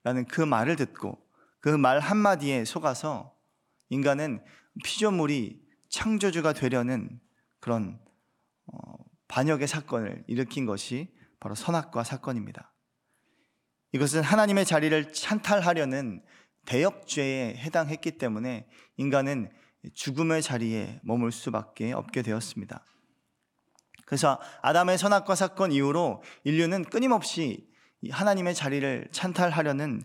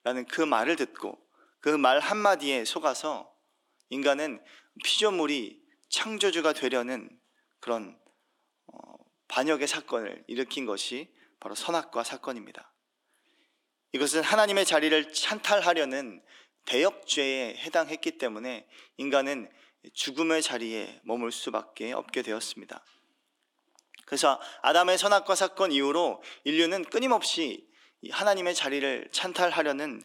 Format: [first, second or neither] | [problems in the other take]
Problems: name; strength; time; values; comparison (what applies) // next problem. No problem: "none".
first | thin; somewhat; fading below 300 Hz